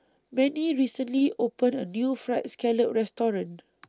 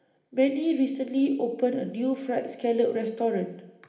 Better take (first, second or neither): first